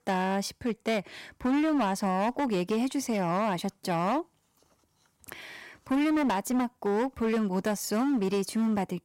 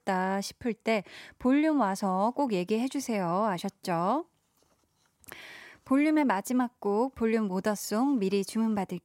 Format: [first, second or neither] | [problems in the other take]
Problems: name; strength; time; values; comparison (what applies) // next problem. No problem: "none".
second | distortion; slight; 13% of the sound clipped